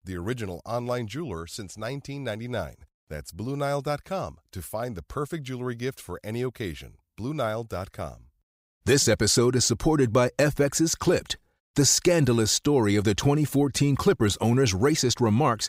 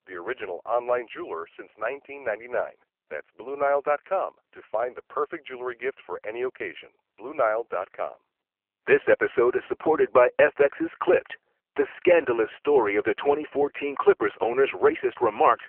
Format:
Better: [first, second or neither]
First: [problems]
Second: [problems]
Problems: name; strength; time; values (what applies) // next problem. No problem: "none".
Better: first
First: none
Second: phone-call audio; poor line